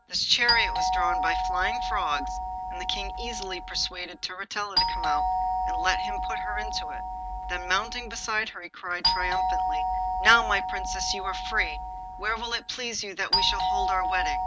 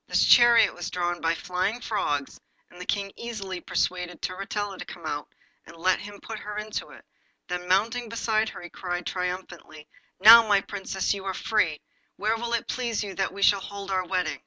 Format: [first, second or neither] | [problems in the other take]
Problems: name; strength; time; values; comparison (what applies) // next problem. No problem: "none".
second | background sound (Doorbell); 1 dB above the speech